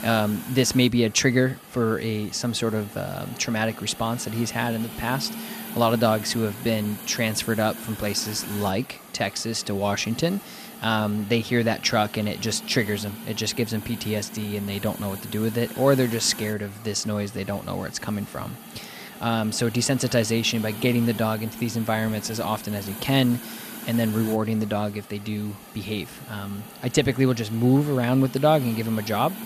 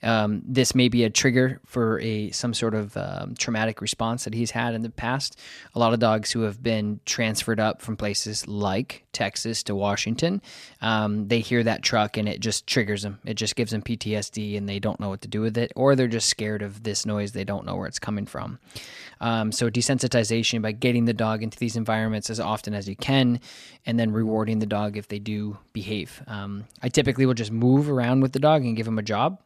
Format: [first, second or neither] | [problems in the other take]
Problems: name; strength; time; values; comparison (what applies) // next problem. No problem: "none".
second | hiss; noticeable; throughout; 15 dB below the speech